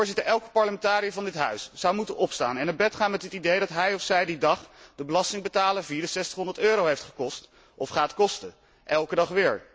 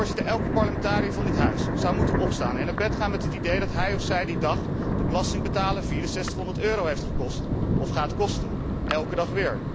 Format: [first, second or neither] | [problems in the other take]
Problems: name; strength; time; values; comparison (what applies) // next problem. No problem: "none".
first | background sound (Thunder); 3 dB above the speech